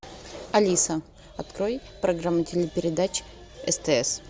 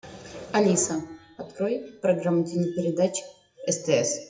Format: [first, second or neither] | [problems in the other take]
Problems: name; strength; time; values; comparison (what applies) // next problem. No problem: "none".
first | noise reduction (classical method WPE with log-MMSE)